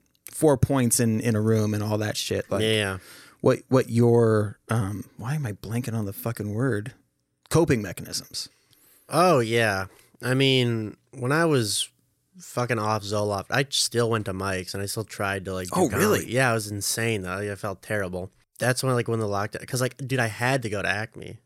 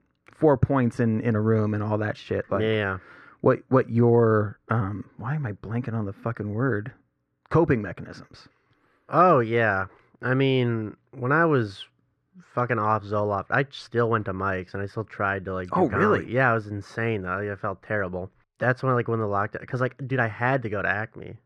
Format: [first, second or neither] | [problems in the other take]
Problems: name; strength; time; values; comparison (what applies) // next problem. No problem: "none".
first | muffled; very; fading above 1.5 kHz